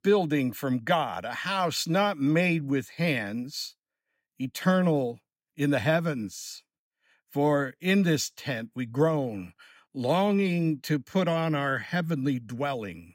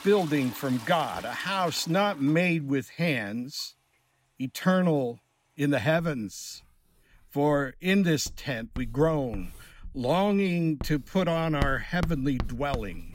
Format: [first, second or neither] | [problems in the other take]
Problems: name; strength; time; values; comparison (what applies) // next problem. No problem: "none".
first | household noises; noticeable; throughout; 15 dB below the speech